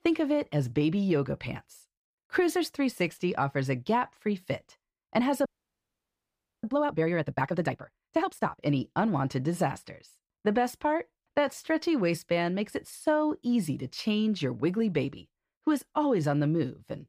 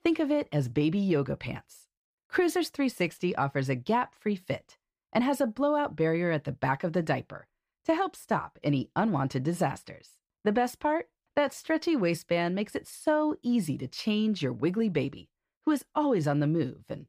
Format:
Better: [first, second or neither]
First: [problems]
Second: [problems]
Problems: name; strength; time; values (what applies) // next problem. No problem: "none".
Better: second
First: audio freezing; at 5.5 s for 1 s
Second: none